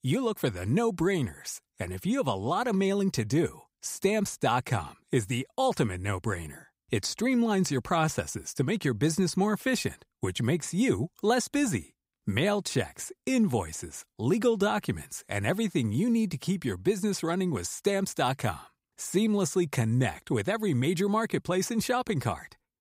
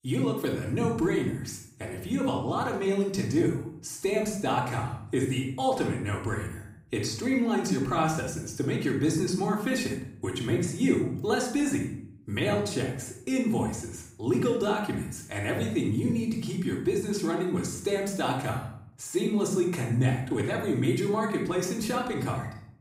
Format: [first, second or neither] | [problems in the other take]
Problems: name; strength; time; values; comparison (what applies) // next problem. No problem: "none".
first | off-mic speech; somewhat distant // room echo; noticeable; dies away in 0.6 s